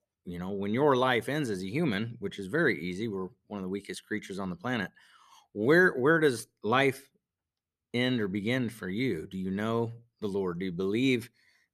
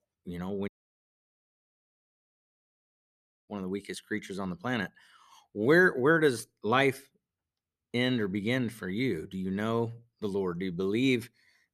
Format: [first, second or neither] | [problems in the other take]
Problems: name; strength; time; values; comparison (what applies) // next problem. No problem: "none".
first | audio cutting out; at 0.5 s for 3 s